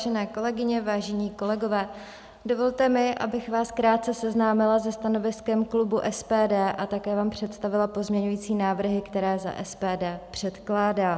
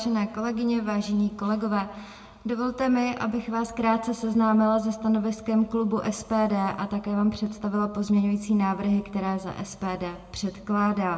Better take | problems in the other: first | room echo; dies away in 0.9 s

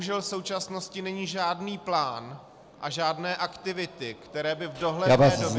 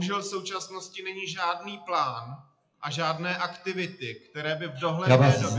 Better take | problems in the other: first | noise reduction (classical method WPE with log-MMSE)

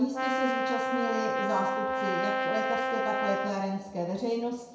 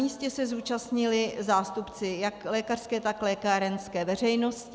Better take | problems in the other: second | background sound (Brass instrument); 2 dB above the speech // room echo; dies away in 0.6 s

